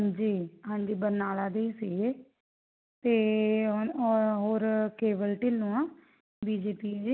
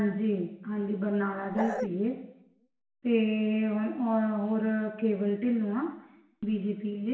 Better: first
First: none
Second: background sound (Bark); 3 dB below the speech // room echo; dies away in 0.8 s

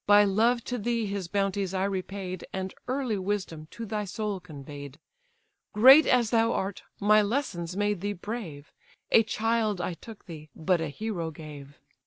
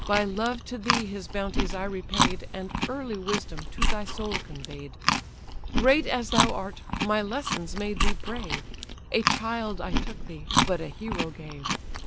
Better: first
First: none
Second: background sound (Chewing, mastication); 3 dB above the speech

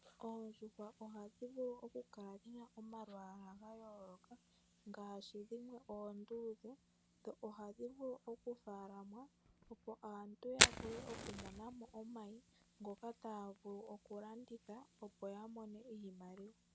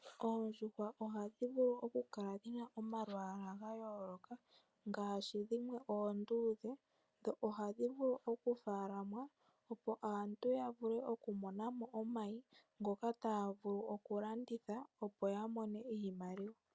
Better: second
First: background sound (Fire); 4 dB above the speech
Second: none

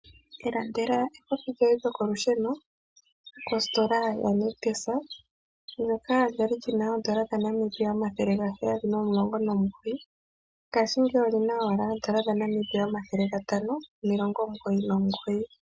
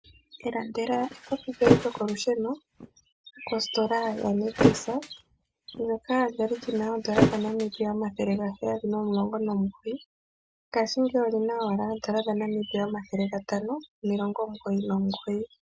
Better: first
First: none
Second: background sound (Thump, thud); 1 dB below the speech

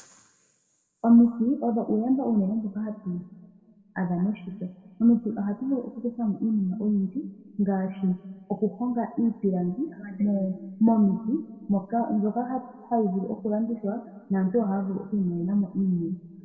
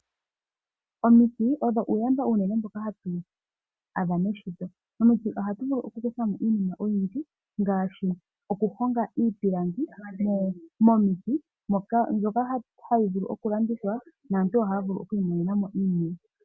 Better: second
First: room echo; dies away in 1.7 s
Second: none

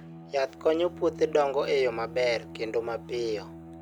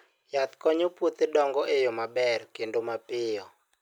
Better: second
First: background sound (Bowed string instrument); 15 dB below the speech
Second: none

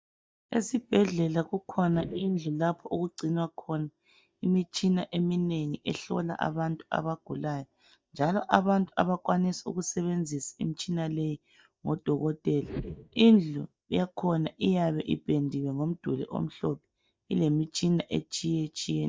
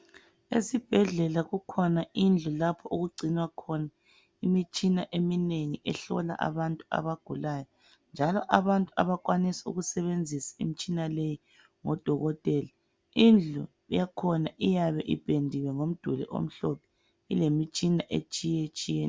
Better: second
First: noise reduction (neural mask model DeepFilterNet 3)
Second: none

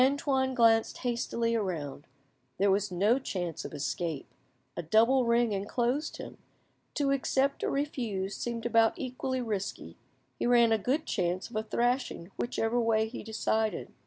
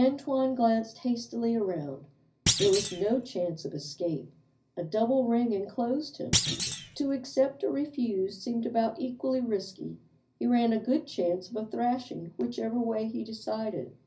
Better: first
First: none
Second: background sound (Thump, thud); 2 dB below the speech // room echo; dies away in 0.4 s

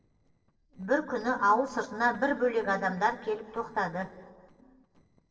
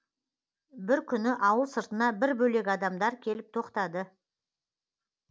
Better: second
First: noise reduction (neural separator model SepFormer DNS4)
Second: none

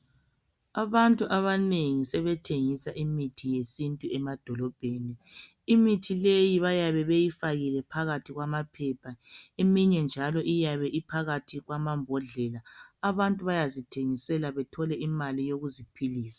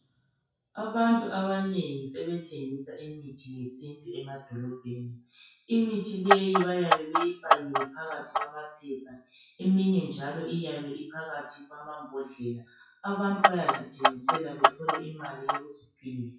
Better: first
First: none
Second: noise reduction (classical method WPE with log-MMSE)

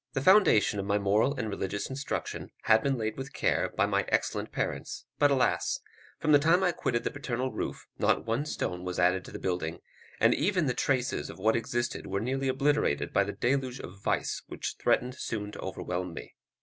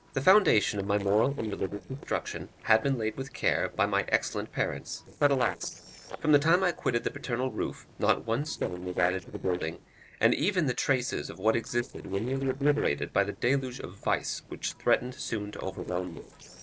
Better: first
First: none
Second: noise reduction (neural separator model SepFormer DNS4)

